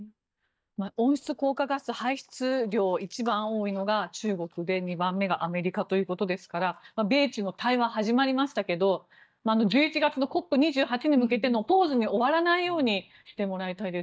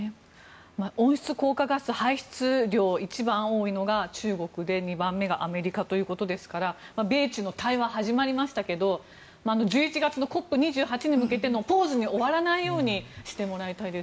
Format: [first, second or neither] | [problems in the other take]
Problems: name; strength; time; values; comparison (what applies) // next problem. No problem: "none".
second | noise reduction (neural mask model DeepFilterNet 3)